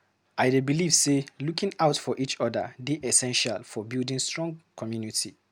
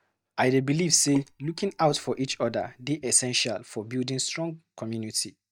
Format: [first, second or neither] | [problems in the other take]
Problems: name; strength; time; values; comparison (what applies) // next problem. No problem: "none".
first | noise reduction (neural mask model DeepFilterNet 3)